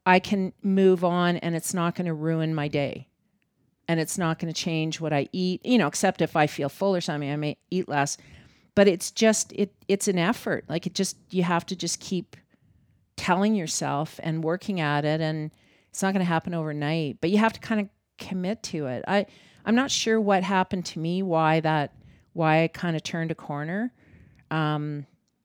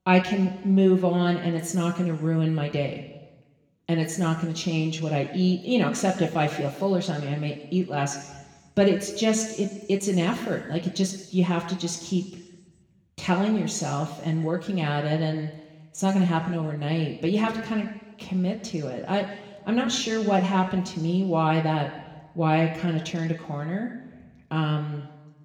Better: first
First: none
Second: room echo; slight; dies away in 1.2 s // off-mic speech; somewhat distant

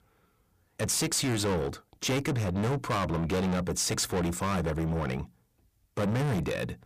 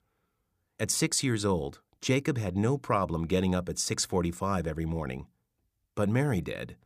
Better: second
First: distortion; heavy; 6 dB below the speech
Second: none

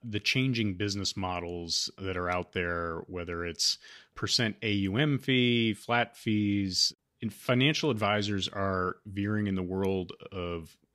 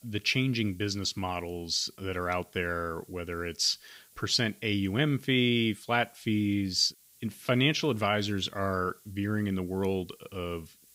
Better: first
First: none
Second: hiss; faint; throughout; 30 dB below the speech

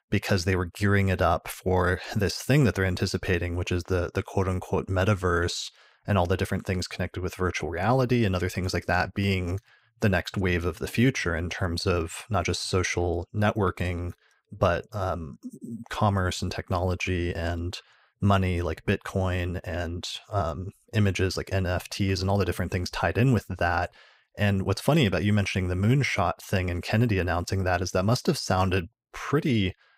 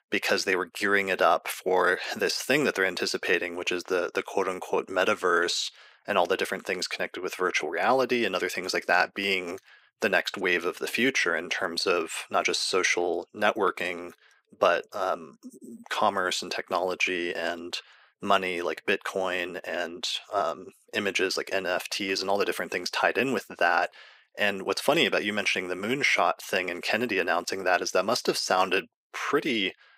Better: first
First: none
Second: thin; somewhat; fading below 300 Hz

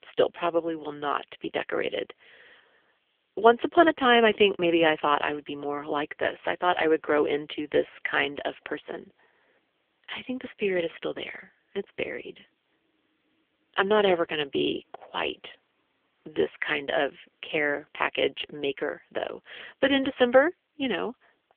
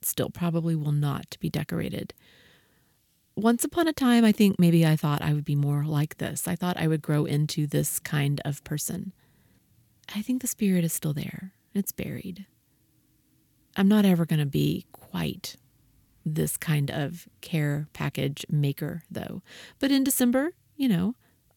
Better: second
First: phone-call audio; poor line; nothing above 3.5 kHz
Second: none

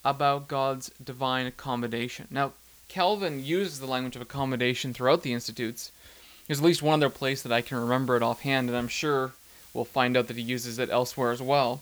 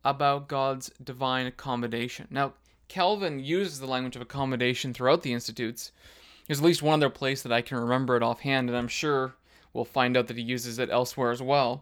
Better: second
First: hiss; faint; throughout; 20 dB below the speech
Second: none

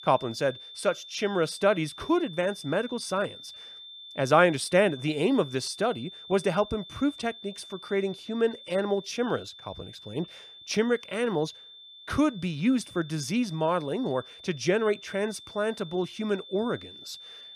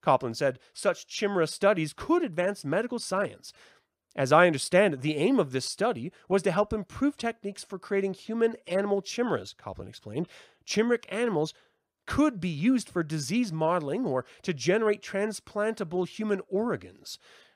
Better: second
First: high-pitched whine; noticeable; throughout; 3.5 kHz, 15 dB below the speech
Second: none

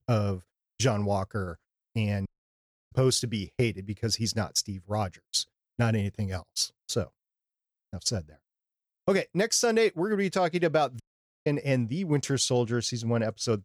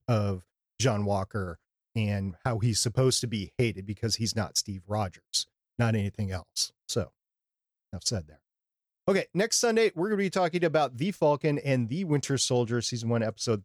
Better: second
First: audio cutting out; at 2.5 s for 0.5 s and at 11 s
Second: none

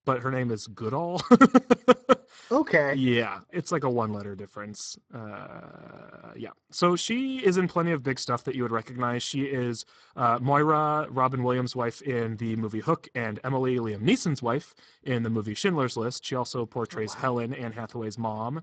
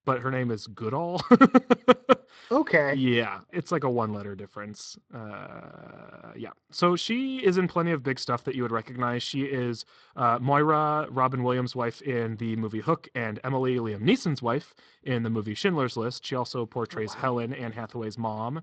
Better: second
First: garbled, watery; badly; nothing above 8 kHz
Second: garbled, watery; slightly; nothing above 8 kHz

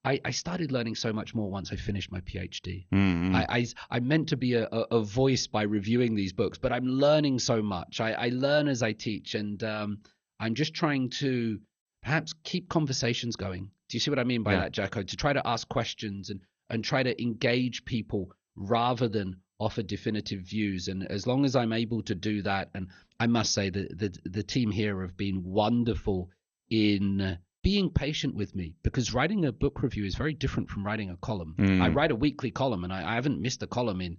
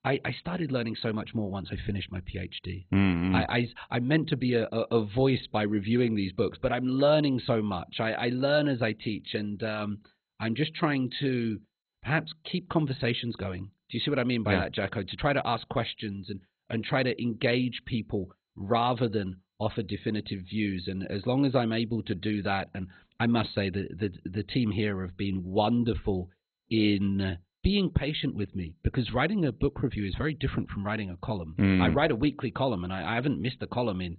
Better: first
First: garbled, watery; slightly; nothing above 6.5 kHz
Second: garbled, watery; badly; nothing above 4 kHz

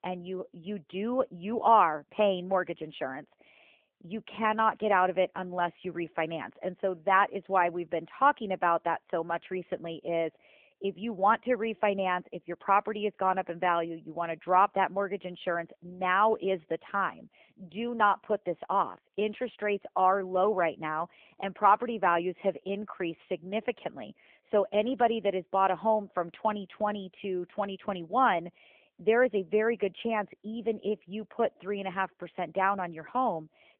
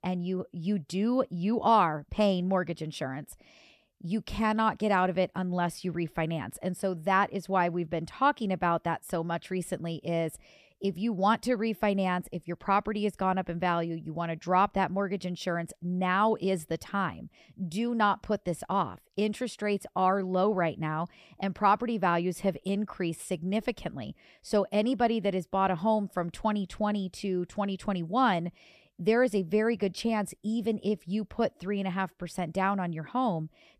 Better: second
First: phone-call audio; nothing above 3.5 kHz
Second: none

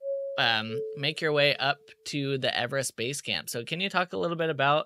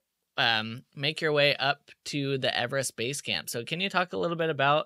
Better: second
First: doorbell; noticeable; until 1 s; peak 6 dB below the speech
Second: none

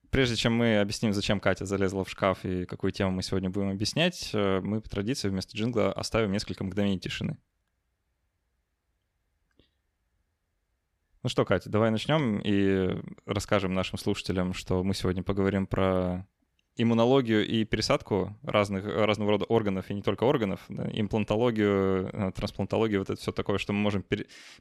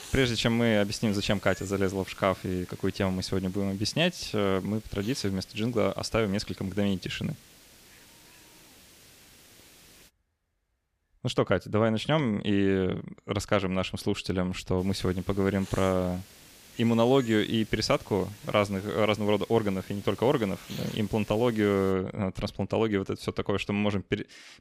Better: first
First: none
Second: hiss; faint; until 10 s and from 15 to 22 s; 20 dB below the speech

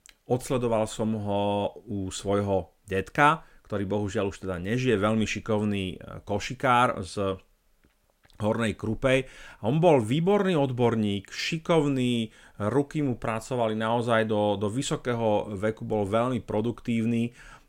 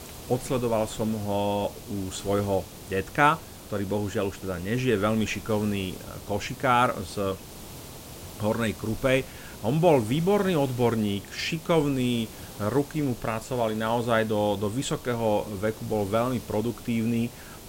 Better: first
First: none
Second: hiss; noticeable; throughout; 15 dB below the speech

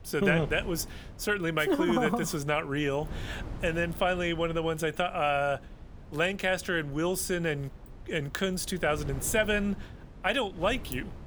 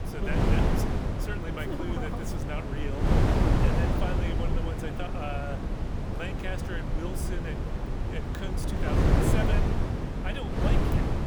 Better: first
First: wind noise on the microphone; occasional gusts; 20 dB below the speech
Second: wind noise on the microphone; heavy; 4 dB above the speech

